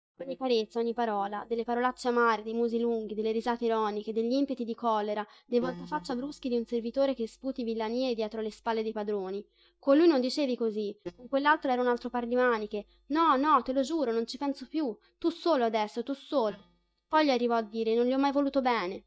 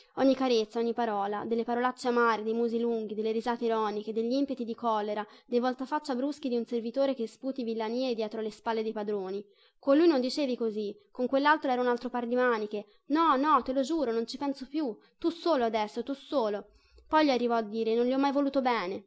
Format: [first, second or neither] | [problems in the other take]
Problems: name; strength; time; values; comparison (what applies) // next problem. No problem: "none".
second | noise reduction (neural mask model DeepFilterNet 3)